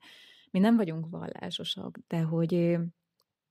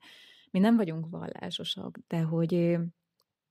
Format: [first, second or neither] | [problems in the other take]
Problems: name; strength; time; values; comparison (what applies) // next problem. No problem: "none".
neither | none